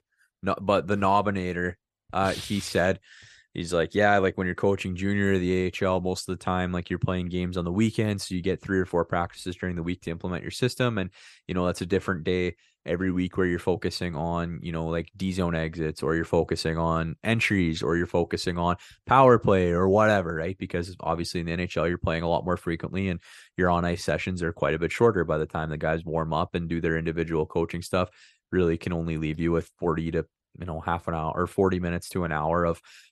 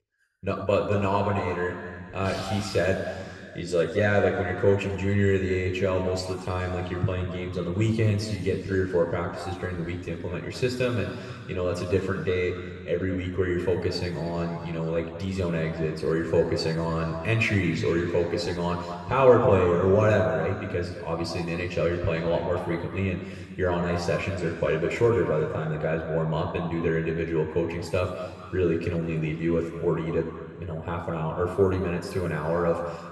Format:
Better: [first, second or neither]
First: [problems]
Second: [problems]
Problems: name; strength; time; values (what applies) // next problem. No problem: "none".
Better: first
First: none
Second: room echo; noticeable; dies away in 2.3 s // off-mic speech; somewhat distant